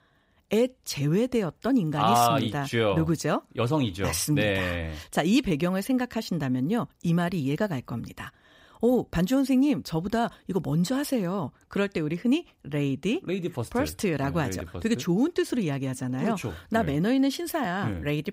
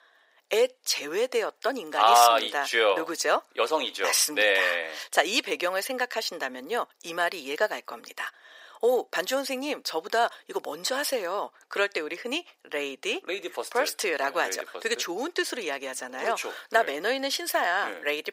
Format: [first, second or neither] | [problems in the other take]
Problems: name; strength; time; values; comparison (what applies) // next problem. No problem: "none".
first | thin; very; fading below 450 Hz